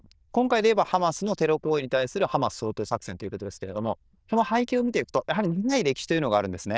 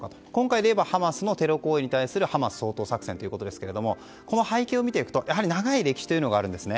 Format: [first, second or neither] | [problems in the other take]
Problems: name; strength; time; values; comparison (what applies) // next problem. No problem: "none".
second | noise reduction (neural diffusion model UNIVERSE++)